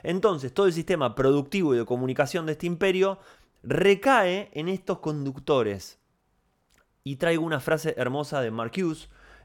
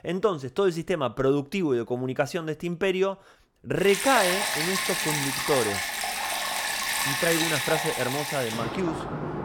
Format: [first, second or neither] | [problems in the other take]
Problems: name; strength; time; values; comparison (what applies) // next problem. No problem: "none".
first | rain or running water; very loud; from 4 s on; as loud as the speech